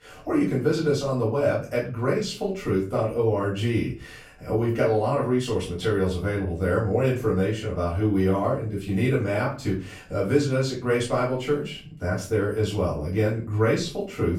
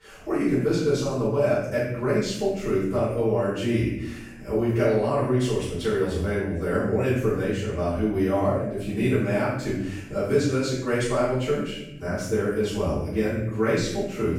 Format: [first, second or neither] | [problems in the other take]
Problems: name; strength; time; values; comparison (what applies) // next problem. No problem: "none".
first | room echo; strong; dies away in 0.8 s; slight in the first // off-mic speech; far; far in the first